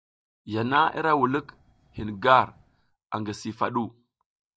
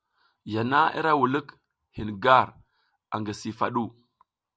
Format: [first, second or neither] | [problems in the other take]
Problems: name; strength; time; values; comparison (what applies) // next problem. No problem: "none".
second | noise reduction (neural mask model DeepFilterNet 3)